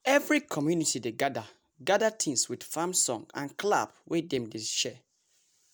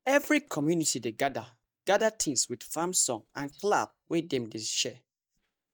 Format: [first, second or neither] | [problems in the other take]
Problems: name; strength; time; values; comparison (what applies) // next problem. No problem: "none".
first | noise reduction (neural mask model DeepFilterNet 3)